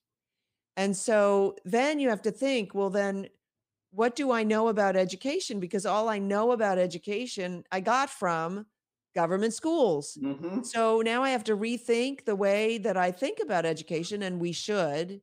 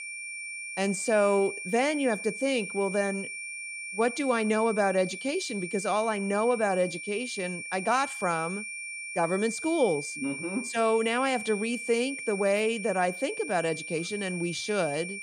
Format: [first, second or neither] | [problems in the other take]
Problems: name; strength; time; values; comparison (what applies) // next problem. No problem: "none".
first | high-pitched whine; loud; throughout; 2.5 kHz, 7 dB below the speech